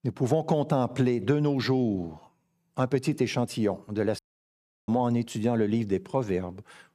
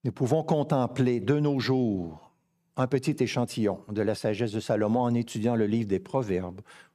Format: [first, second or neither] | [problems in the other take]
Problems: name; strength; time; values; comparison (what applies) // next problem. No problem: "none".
second | audio cutting out; at 4 s for 0.5 s